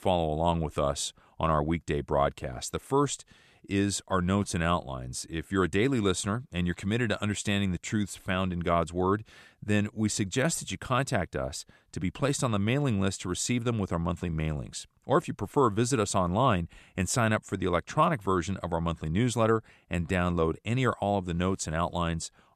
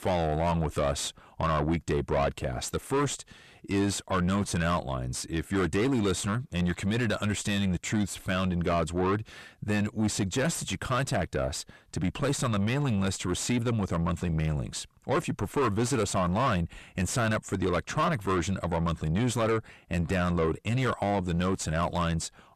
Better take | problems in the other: first | distortion; heavy; 6 dB below the speech

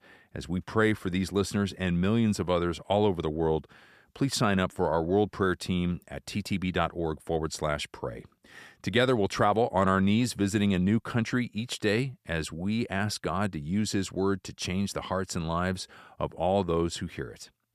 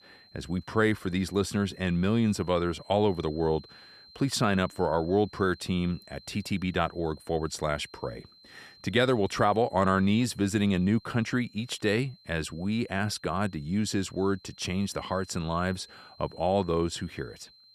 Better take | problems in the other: first | high-pitched whine; faint; throughout; 4 kHz, 25 dB below the speech

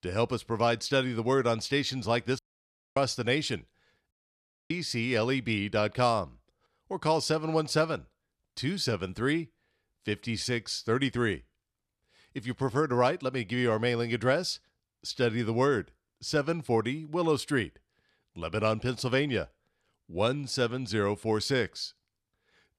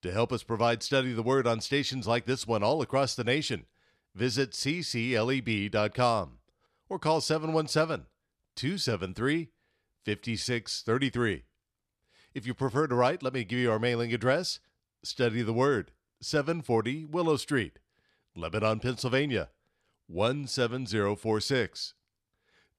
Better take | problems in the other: second | audio cutting out; at 2.5 s for 0.5 s and at 4 s for 0.5 s

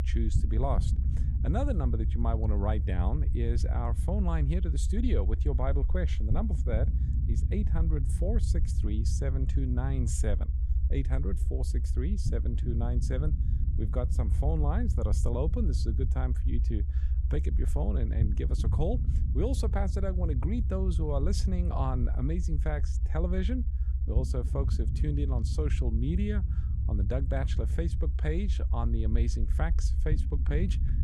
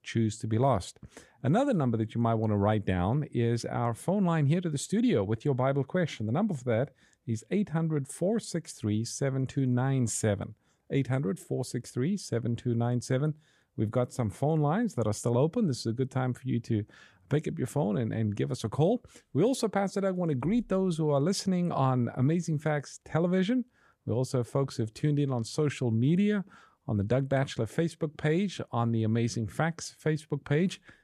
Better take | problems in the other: second | low rumble; loud; throughout; 9 dB below the speech

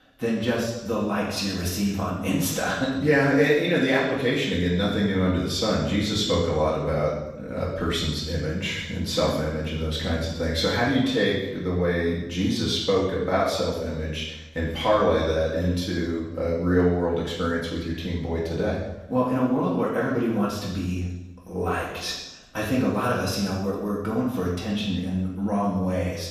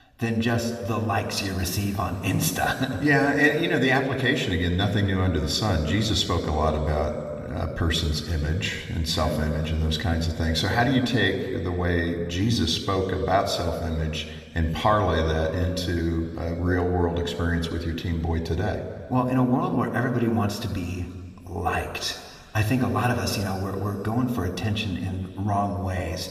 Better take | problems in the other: second | room echo; strong; dies away in 0.9 s; slight in the second // off-mic speech; far; somewhat distant in the second

